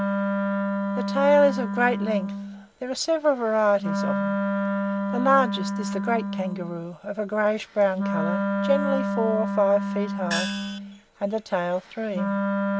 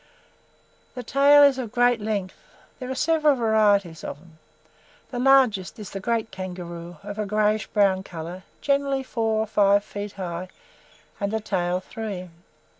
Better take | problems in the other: second | background sound (Wind instrument, woodwind instrument + Gong); 2 dB below the speech

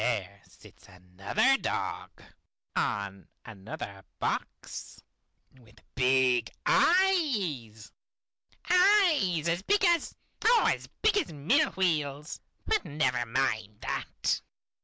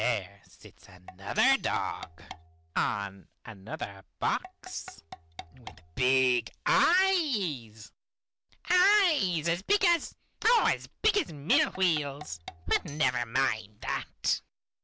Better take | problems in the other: first | background sound (Tambourine + Tap / Percussion); 17 dB below the speech

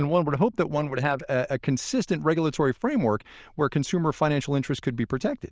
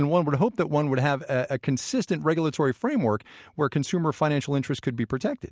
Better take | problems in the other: second | noise reduction (neural diffusion model UNIVERSE++)

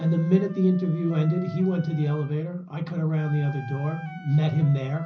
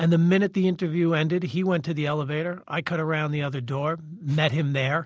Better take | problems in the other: second | background sound (Wind instrument, woodwind instrument); 19 dB below the speech // room echo; dies away in 0.5 s

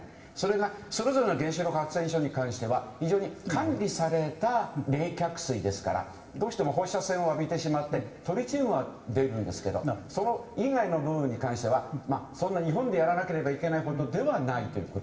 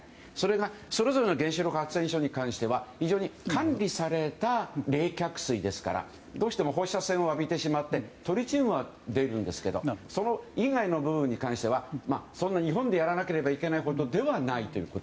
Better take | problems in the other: second | room echo; dies away in 2.3 s

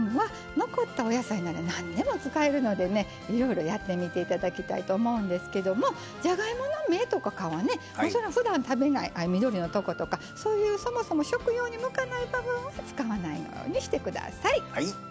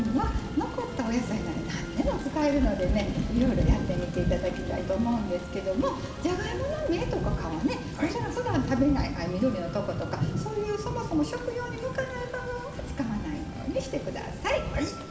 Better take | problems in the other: first | background sound (Thunder / Rain); 3 dB below the speech // room echo; dies away in 2.6 s

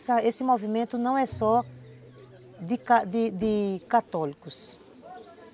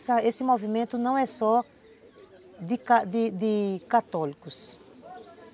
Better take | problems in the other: second | background sound (Bowed string instrument + Bowed string instrument); 20 dB below the speech

